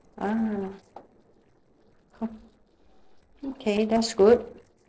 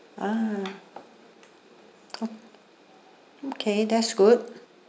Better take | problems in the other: second | noise reduction (neural separator model SepFormer DNS4)

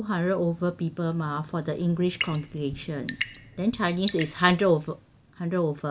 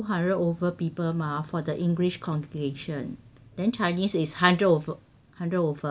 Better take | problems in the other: second | background sound (Drip / Sink (filling or washing) / Water tap, faucet / Water); 11 dB below the speech

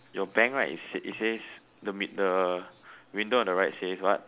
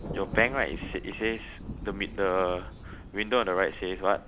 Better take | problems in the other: first | background sound (Thunder); 10 dB below the speech

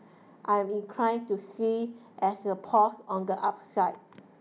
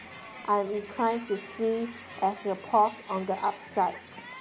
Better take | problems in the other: first | background sound (Crowd); 16 dB below the speech

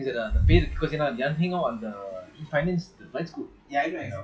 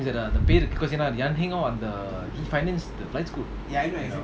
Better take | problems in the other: second | noise reduction (classical method WPE with log-MMSE)

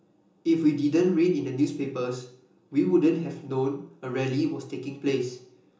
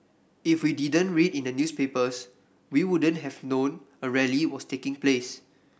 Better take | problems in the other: second | room echo; dies away in 0.6 s

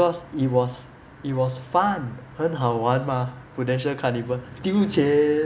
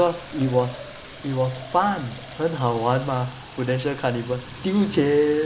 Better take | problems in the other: first | background sound (Fill (with liquid)); 18 dB below the speech

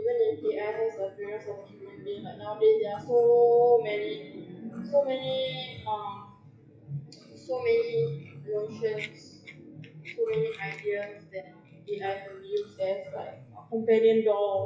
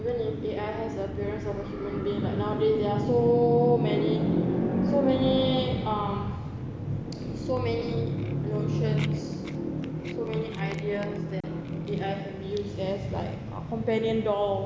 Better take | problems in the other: second | noise reduction (classical method WPE with log-MMSE)

